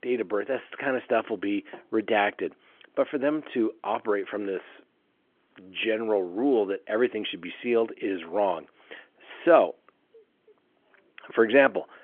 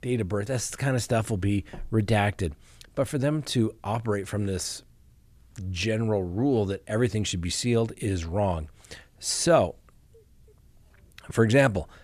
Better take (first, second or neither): second